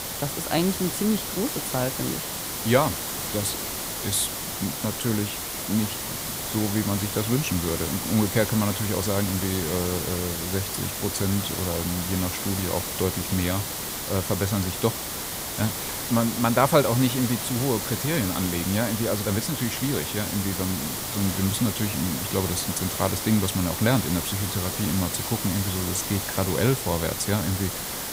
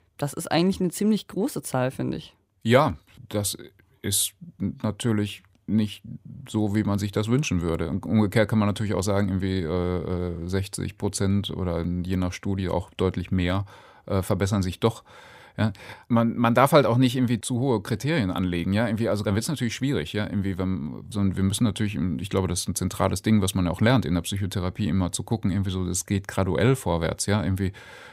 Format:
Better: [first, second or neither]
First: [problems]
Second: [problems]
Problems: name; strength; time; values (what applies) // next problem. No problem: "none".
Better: second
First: hiss; loud; throughout; 2 dB below the speech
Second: none